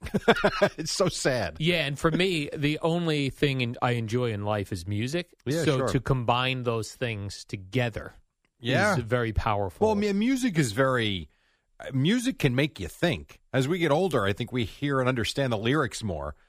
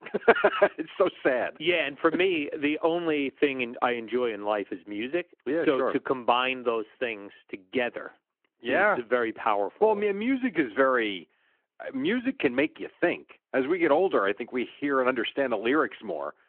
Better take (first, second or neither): first